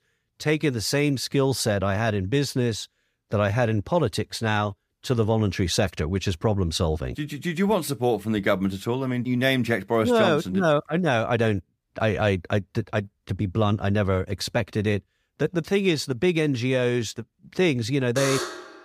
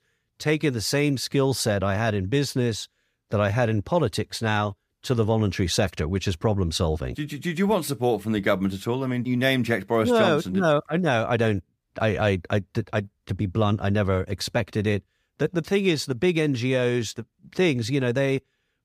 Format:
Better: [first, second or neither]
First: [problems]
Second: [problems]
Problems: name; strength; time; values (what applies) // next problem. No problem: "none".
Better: second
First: alarm; noticeable; at 18 s; peak 3 dB below the speech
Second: none